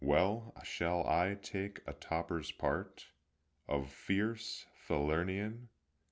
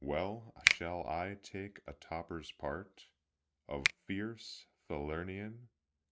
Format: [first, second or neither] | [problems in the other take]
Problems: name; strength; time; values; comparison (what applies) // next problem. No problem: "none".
first | noise reduction (neural mask model RNNoise)